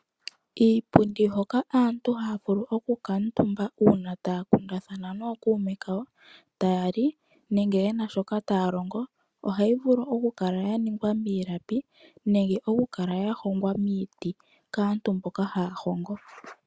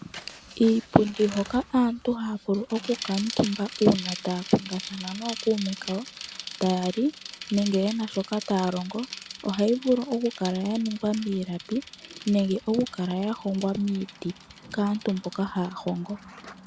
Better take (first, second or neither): first